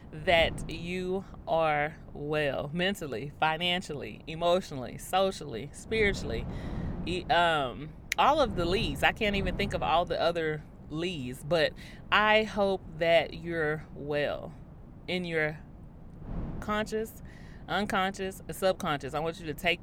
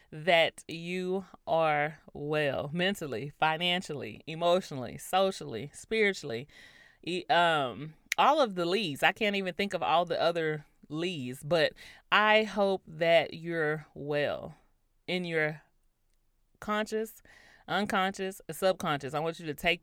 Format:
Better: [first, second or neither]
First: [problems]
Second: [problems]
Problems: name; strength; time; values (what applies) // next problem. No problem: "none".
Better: second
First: wind noise on the microphone; occasional gusts; 25 dB below the speech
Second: none